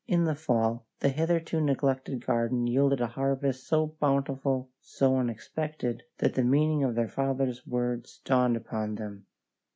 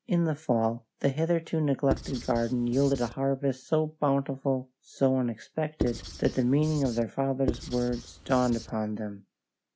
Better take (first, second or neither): first